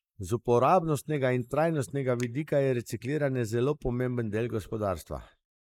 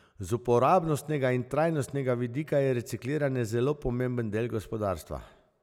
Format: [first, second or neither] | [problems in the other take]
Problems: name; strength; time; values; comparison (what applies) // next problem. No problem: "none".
second | noise reduction (neural mask model Resemble Enhance denoiser)